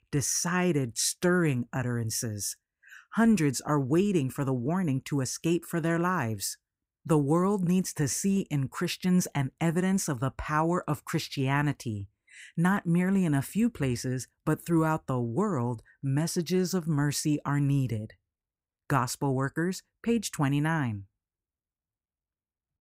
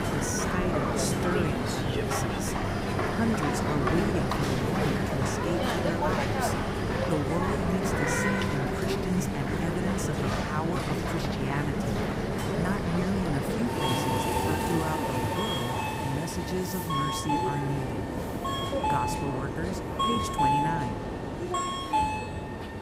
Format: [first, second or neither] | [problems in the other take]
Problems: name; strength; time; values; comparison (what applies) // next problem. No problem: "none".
first | train or aircraft noise; very loud; throughout; 4 dB above the speech